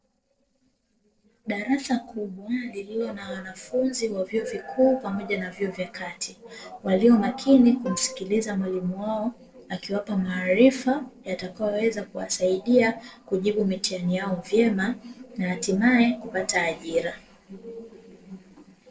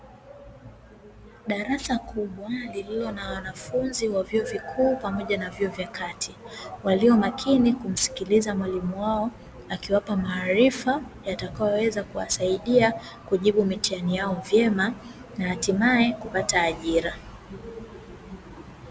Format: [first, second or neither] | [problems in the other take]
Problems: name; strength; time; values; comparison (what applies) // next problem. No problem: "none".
second | noise reduction (neural separator model SepFormer DNS4)